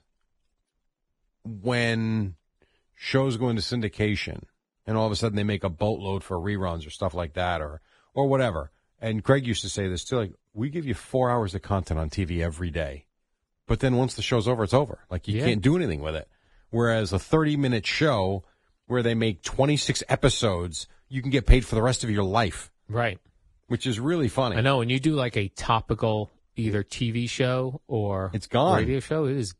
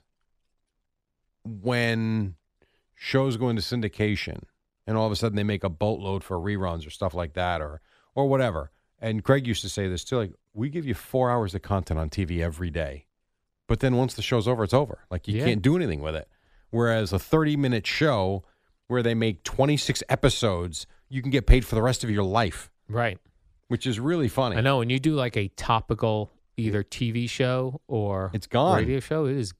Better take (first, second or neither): second